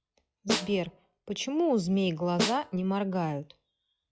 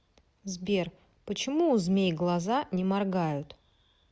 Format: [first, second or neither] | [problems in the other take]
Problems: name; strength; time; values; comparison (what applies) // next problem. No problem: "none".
second | noise reduction (classical method log-MMSE)